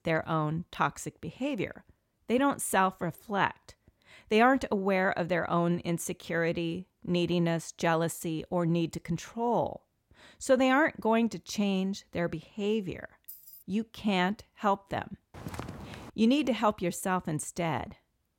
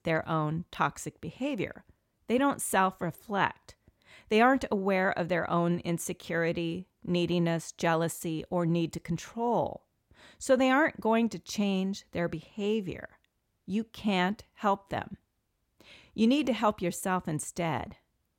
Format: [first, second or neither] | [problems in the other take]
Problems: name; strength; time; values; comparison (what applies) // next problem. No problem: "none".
second | jangling keys; faint; at 13 s; peak 15 dB below the speech // footsteps; faint; at 15 s; peak 10 dB below the speech